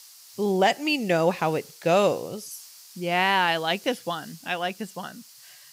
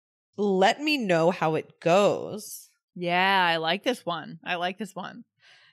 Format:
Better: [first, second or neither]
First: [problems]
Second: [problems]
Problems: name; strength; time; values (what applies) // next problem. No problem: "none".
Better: second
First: hiss; faint; throughout; 20 dB below the speech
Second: none